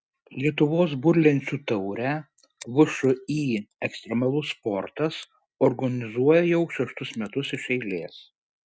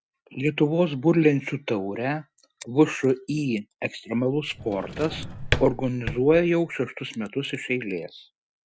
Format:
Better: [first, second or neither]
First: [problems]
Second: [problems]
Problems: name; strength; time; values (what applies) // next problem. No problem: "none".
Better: first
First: none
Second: background sound (Drawer open or close); 7 dB below the speech